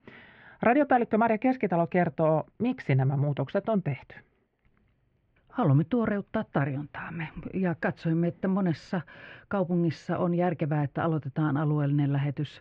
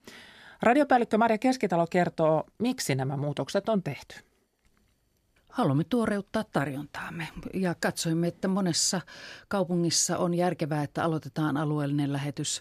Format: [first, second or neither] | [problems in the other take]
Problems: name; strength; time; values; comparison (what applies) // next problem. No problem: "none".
second | muffled; very; fading above 2.5 kHz